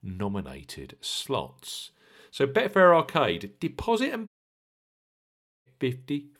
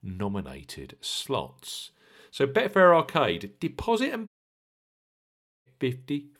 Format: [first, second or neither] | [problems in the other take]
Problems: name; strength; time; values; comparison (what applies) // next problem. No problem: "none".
neither | audio cutting out; at 4.5 s for 1.5 s; the same in both